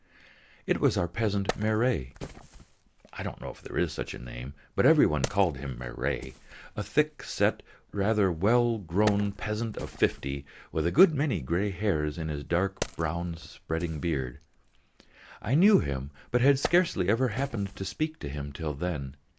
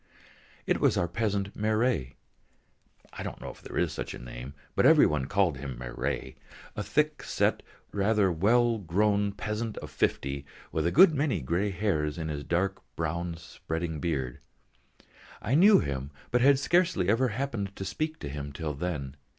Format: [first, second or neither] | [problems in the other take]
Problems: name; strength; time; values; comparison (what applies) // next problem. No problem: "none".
second | background sound (Wood); 16 dB below the speech